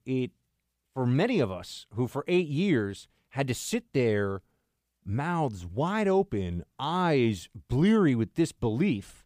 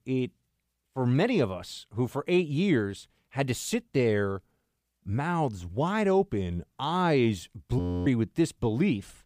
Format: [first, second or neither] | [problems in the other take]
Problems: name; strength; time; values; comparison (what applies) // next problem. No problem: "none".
first | audio freezing; at 8 s